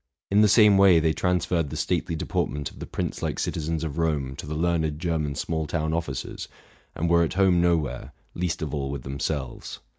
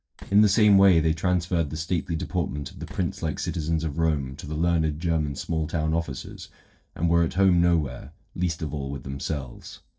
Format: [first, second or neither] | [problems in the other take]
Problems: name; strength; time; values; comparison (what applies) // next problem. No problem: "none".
first | noise reduction (neural separator model SepFormer DNS4)